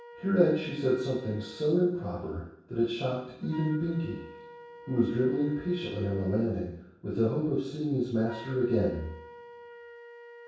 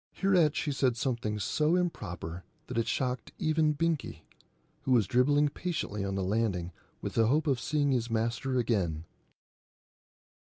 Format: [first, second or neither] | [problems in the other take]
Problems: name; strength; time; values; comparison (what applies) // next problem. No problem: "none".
second | background sound (Wind instrument, woodwind instrument); 19 dB below the speech // room echo; dies away in 0.7 s